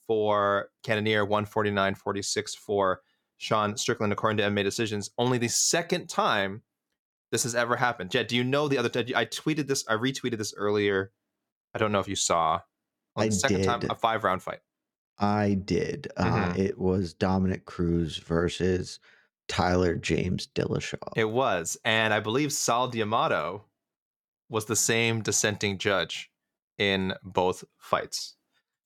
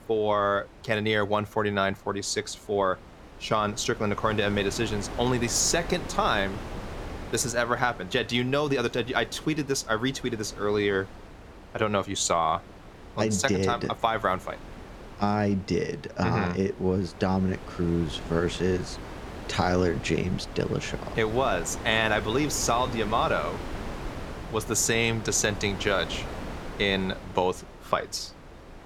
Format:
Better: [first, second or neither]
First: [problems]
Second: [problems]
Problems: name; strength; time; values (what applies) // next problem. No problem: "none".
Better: first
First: none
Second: wind noise on the microphone; occasional gusts; 15 dB below the speech